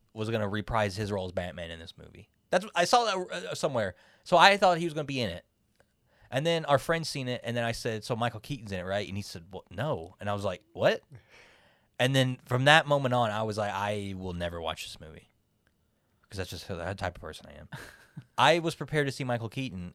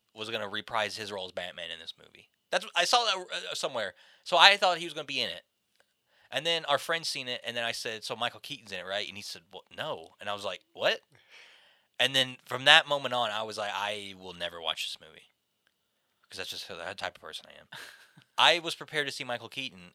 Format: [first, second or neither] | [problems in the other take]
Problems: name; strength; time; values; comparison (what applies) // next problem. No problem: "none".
first | thin; somewhat; fading below 850 Hz